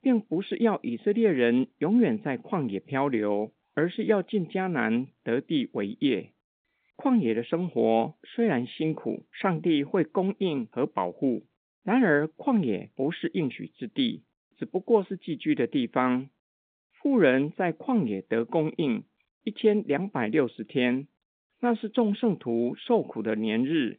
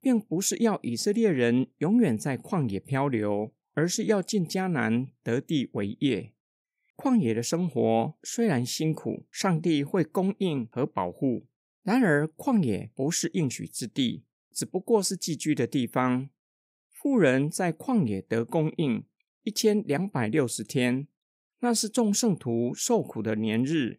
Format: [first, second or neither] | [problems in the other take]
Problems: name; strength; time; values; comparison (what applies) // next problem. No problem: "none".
second | phone-call audio